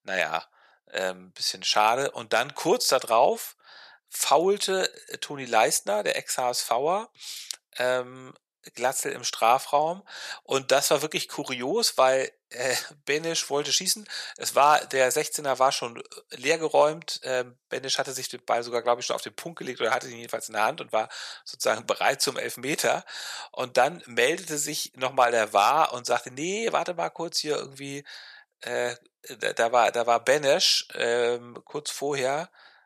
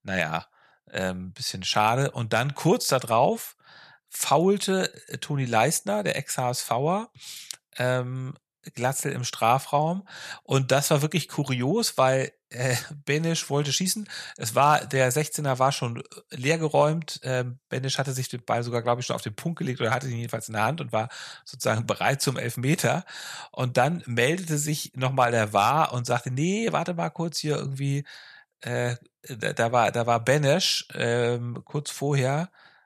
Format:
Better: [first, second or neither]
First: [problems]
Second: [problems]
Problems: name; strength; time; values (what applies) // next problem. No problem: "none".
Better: second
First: thin; somewhat; fading below 450 Hz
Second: none